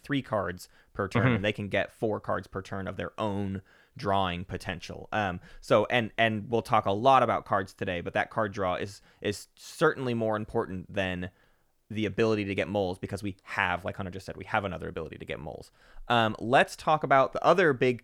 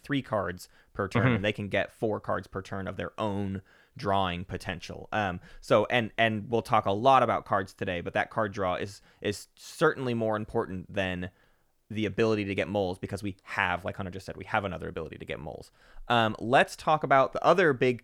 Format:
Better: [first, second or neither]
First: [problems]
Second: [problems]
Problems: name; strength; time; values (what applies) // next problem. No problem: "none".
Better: neither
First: none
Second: none